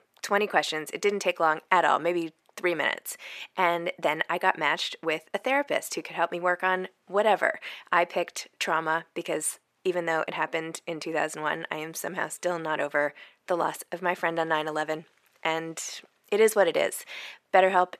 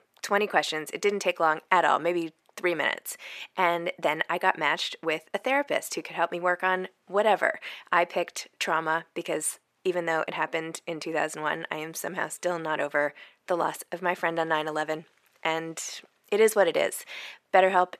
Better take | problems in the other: neither | thin; somewhat; fading below 400 Hz; the same in both

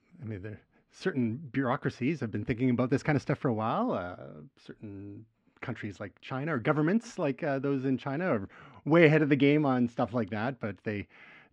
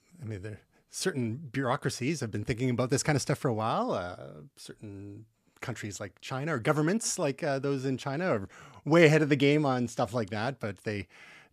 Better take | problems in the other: second | muffled; slightly; fading above 2.5 kHz

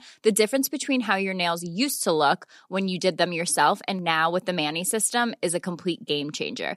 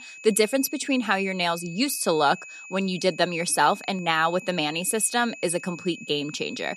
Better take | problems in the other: first | high-pitched whine; noticeable; throughout; 2.5 kHz, 15 dB below the speech

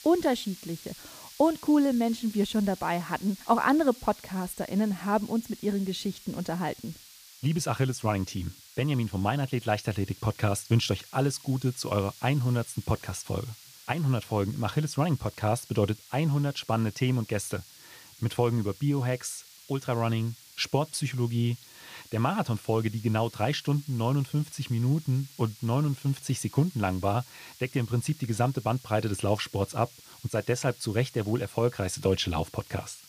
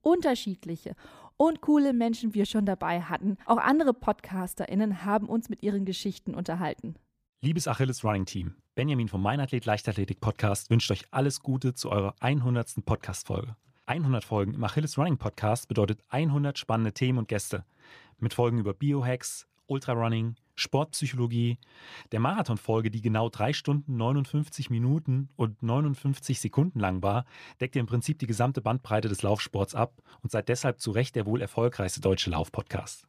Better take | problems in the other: second | hiss; noticeable; throughout; 20 dB below the speech

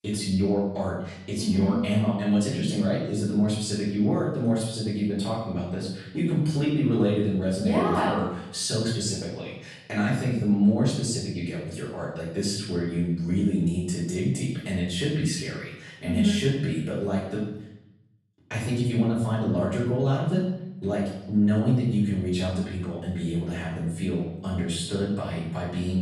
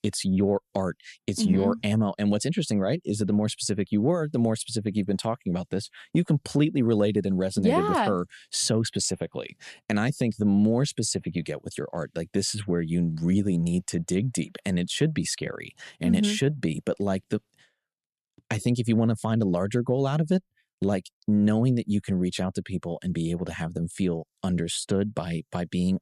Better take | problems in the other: second | off-mic speech; far // room echo; noticeable; dies away in 0.8 s

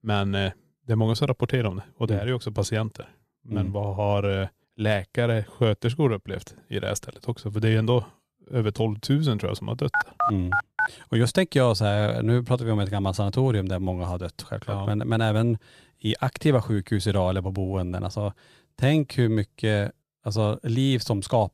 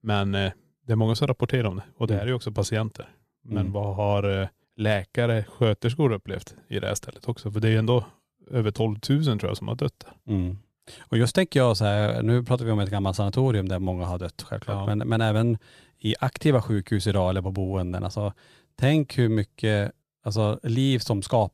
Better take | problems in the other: second | phone ringing; loud; at 10 s; peak 1 dB above the speech

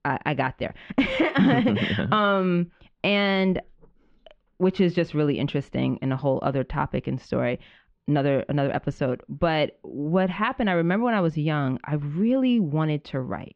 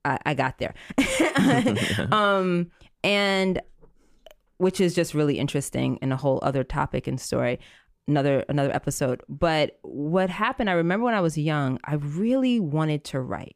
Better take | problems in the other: second | muffled; slightly; fading above 4 kHz

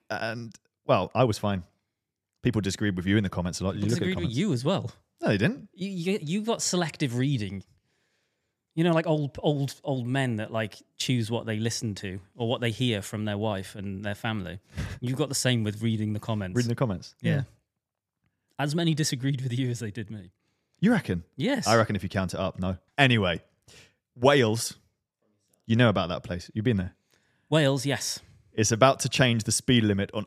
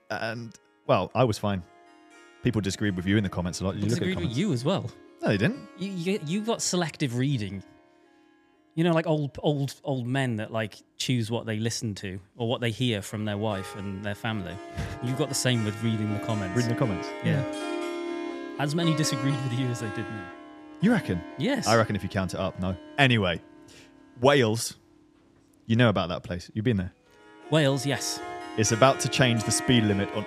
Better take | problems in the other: first | background music; noticeable; throughout; 10 dB below the speech

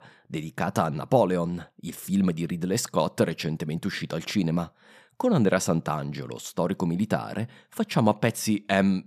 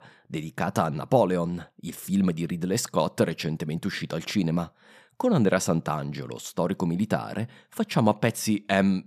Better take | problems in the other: neither | none

